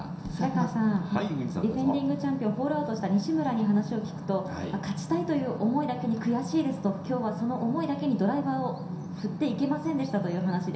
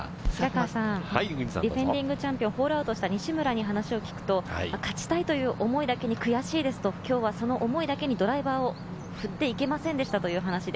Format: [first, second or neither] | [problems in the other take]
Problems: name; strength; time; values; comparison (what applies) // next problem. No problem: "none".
second | room echo; dies away in 0.7 s